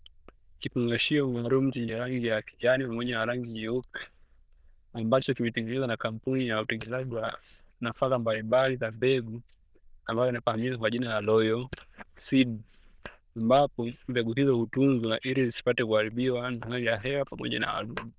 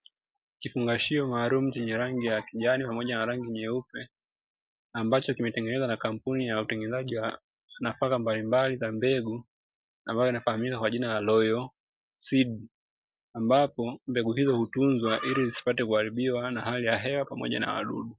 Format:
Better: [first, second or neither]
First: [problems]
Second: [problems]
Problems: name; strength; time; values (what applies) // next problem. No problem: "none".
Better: second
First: noise reduction (neural diffusion model UNIVERSE++)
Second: none